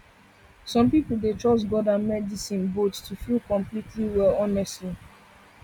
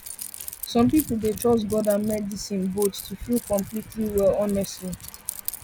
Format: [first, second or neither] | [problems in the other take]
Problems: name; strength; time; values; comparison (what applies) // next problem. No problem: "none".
first | background sound (Keys jangling); 14 dB below the speech